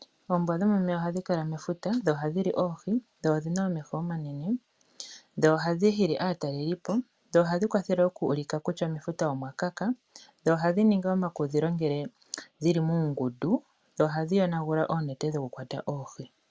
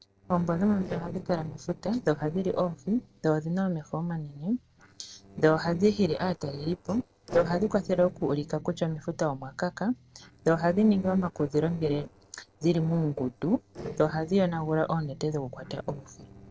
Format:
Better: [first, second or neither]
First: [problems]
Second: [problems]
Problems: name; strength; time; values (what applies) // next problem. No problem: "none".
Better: first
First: none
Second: noise reduction (neural separator model SepFormer DNS4)